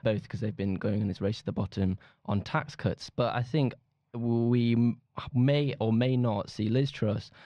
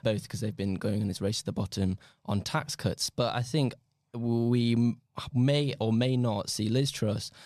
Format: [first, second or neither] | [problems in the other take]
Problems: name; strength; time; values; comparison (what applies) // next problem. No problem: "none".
second | muffled; slightly; fading above 2.5 kHz